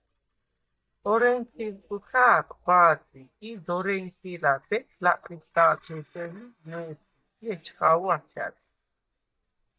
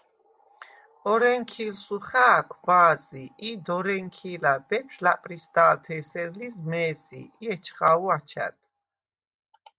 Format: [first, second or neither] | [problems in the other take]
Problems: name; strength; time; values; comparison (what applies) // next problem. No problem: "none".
second | noise reduction (neural mask model DeepFilterNet 3)